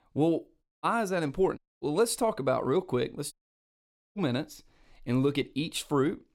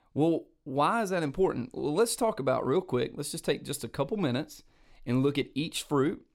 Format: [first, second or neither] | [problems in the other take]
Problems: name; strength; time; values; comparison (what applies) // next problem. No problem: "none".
second | audio cutting out; at 0.5 s, at 1.5 s and at 3.5 s for 1 s